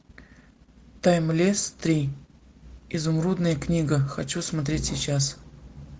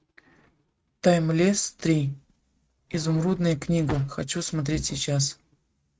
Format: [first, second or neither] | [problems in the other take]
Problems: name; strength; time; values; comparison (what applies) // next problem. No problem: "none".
first | noise reduction (neural mask model RNNoise)